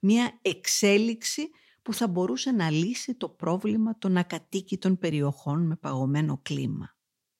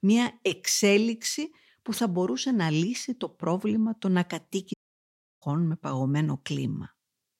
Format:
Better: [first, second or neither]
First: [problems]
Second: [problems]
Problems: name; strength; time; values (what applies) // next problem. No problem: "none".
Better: first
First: none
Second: audio cutting out; at 4.5 s for 0.5 s